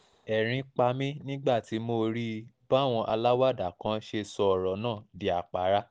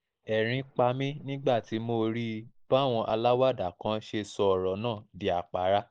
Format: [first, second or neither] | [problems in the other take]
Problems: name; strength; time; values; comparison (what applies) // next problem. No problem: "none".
first | noise reduction (neural mask model Resemble Enhance denoiser)